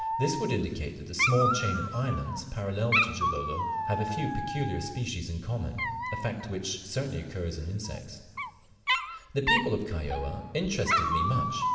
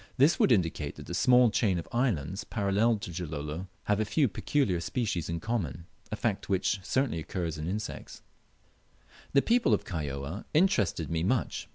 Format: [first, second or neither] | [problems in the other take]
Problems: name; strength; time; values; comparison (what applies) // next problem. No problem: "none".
second | background sound (Dog); 1 dB below the speech // room echo; dies away in 2.1 s